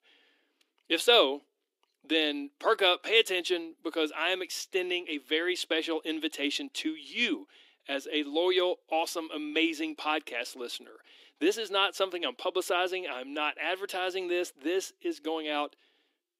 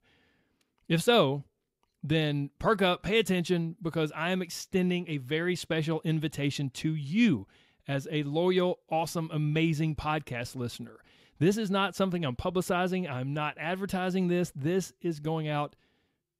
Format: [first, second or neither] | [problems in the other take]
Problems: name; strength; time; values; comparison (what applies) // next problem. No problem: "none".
second | thin; somewhat; fading below 300 Hz